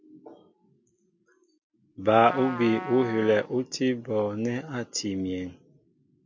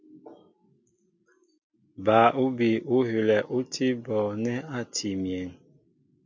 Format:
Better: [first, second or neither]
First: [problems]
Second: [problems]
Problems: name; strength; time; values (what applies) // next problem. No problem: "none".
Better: second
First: background sound (Trumpet); 11 dB below the speech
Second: none